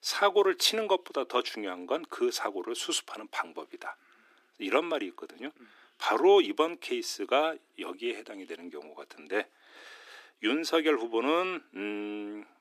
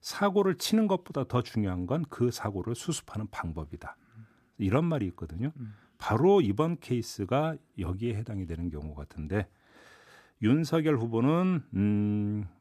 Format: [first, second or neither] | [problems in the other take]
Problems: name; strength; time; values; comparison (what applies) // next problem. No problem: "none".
second | thin; very; fading below 300 Hz